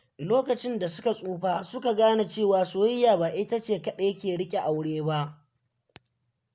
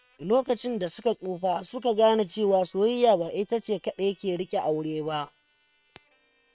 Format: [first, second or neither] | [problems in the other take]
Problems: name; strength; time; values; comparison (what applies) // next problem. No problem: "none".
first | noise reduction (neural separator model SepFormer WHAM!)